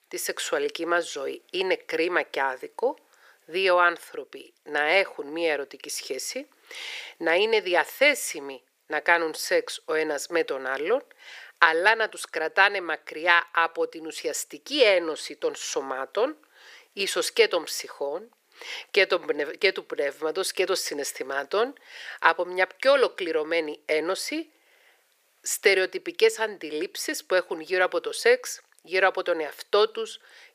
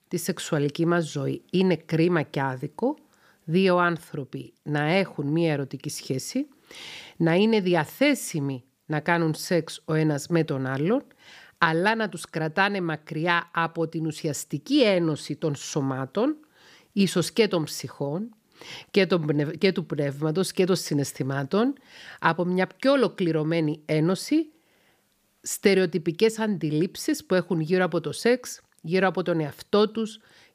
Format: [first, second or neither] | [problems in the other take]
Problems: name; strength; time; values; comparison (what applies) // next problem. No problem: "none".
second | thin; very; fading below 450 Hz